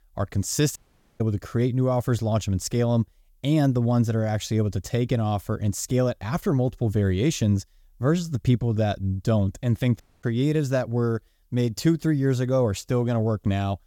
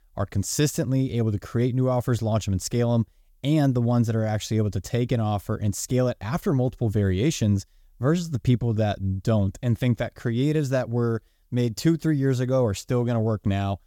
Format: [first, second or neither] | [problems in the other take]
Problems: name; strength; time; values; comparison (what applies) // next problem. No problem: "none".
second | audio cutting out; at 1 s and at 10 s